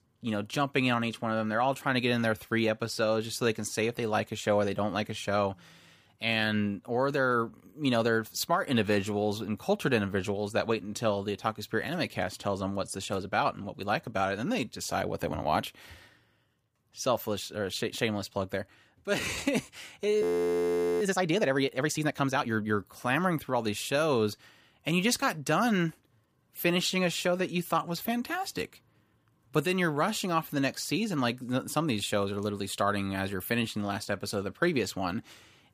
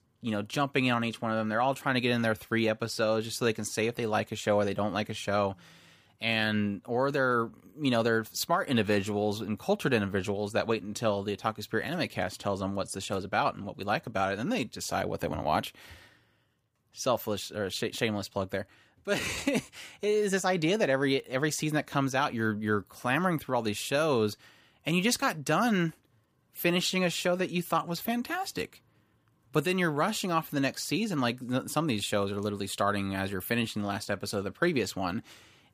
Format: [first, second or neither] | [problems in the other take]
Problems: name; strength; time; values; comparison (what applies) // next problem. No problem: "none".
second | audio freezing; at 20 s for 1 s